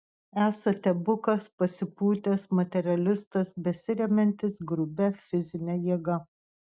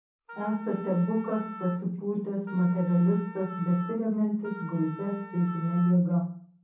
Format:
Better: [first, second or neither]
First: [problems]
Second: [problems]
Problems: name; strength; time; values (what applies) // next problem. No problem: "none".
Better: first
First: none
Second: background sound (Wind instrument, woodwind instrument); 16 dB below the speech // room echo; dies away in 0.6 s